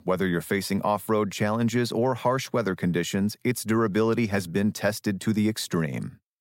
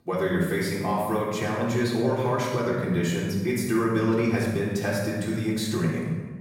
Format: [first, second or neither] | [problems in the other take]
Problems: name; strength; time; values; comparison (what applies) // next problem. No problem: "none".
first | room echo; noticeable; dies away in 1.3 s // off-mic speech; far